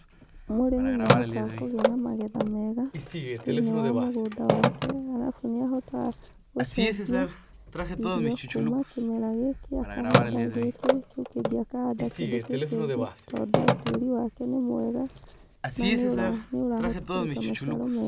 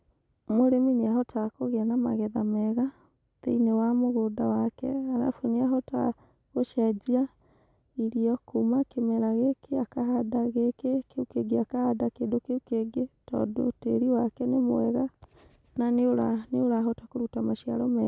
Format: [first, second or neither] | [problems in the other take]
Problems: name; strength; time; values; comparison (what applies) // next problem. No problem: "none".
second | background sound (Telephone); 2 dB below the speech